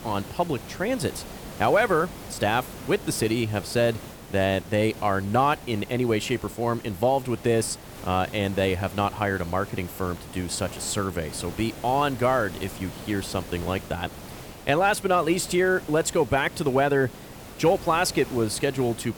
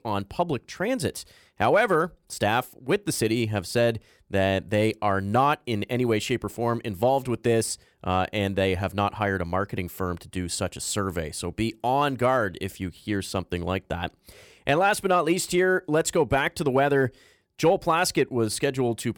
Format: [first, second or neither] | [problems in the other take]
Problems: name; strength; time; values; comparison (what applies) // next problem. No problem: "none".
second | hiss; noticeable; throughout; 15 dB below the speech